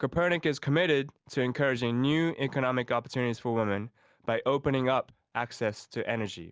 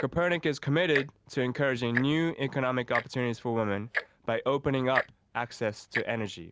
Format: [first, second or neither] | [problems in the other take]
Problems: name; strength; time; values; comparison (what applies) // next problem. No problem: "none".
first | background sound (Tick-tock); 10 dB below the speech